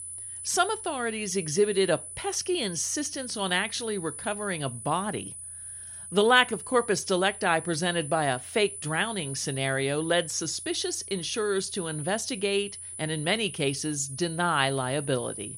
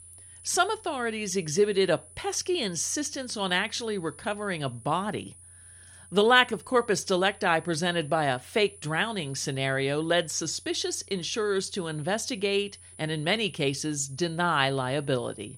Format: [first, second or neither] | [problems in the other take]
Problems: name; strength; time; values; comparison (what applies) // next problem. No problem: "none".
second | high-pitched whine; loud; throughout; 10 kHz, 10 dB below the speech; faint in the second